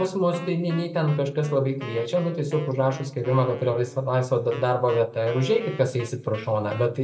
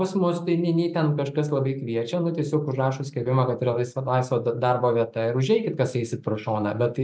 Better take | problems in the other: second | background sound (Wind instrument, woodwind instrument); 18 dB below the speech // room echo; dies away in 1.3 s

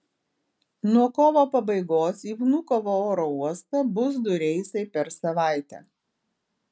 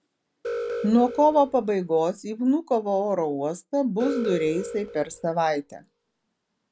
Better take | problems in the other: first | background sound (Alarm); 10 dB below the speech

